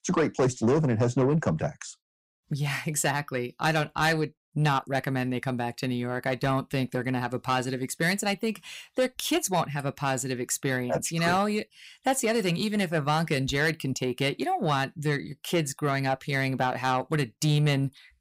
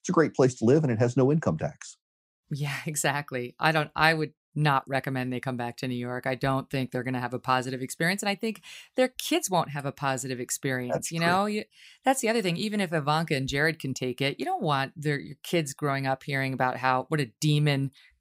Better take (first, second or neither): second